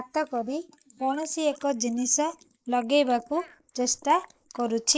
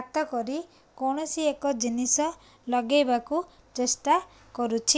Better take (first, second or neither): second